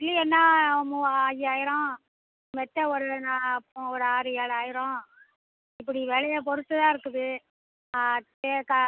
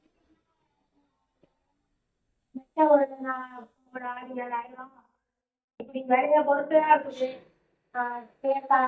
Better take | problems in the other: first | noise reduction (neural mask model DeepFilterNet 3)

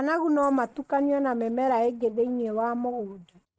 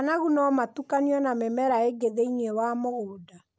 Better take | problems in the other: second | noise reduction (neural mask model RNNoise)

